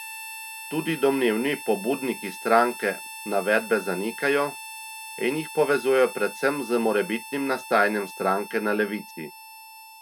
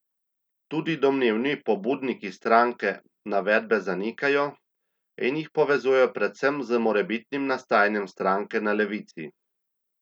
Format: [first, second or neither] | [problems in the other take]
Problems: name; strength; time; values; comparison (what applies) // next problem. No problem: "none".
second | background sound (Harmonica); 14 dB below the speech